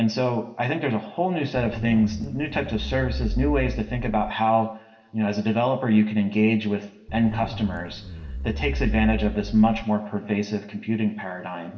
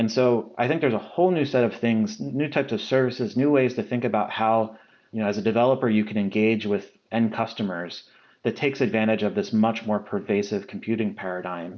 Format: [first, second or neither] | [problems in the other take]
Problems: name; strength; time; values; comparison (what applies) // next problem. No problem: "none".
second | background sound (Zipper (clothing)); 6 dB below the speech // room echo; dies away in 0.9 s